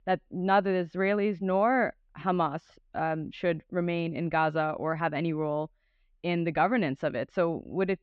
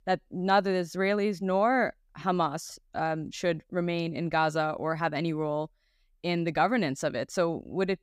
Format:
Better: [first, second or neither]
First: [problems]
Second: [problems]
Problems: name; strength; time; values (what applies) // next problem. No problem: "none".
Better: second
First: muffled; slightly; fading above 3 kHz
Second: none